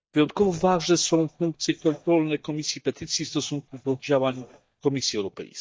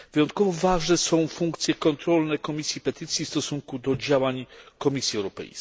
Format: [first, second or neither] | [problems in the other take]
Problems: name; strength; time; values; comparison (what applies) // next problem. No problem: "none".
second | noise reduction (neural mask model DeepFilterNet 3)